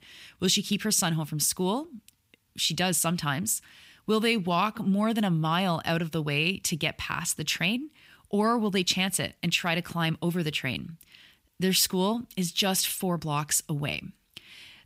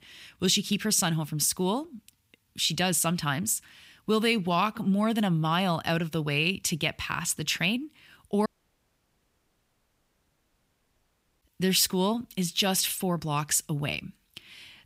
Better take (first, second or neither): first